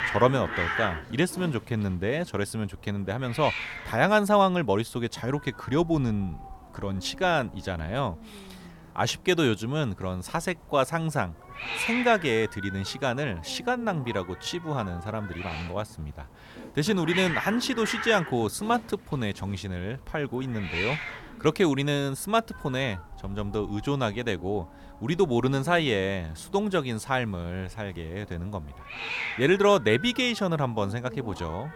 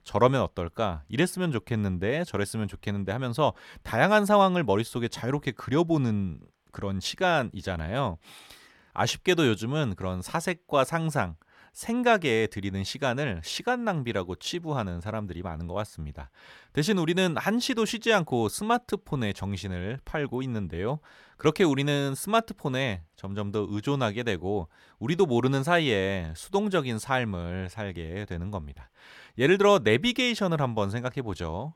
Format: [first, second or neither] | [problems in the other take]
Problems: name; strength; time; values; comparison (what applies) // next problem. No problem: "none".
second | hiss; loud; throughout; 9 dB below the speech